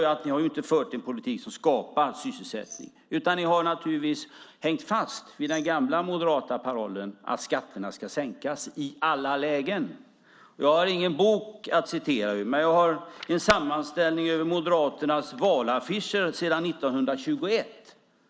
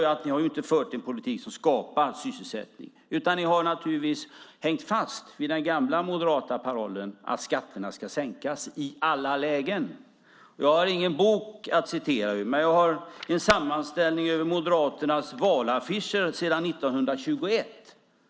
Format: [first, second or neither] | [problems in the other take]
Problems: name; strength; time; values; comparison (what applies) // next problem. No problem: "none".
second | background sound (Glass); 19 dB below the speech